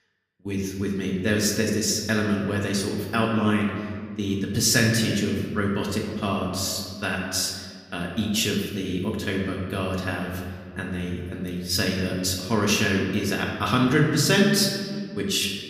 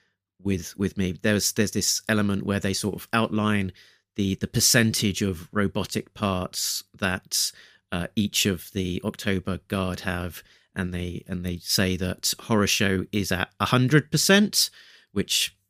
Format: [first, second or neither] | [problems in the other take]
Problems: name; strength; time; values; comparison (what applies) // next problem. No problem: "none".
second | room echo; noticeable; dies away in 1.6 s // off-mic speech; somewhat distant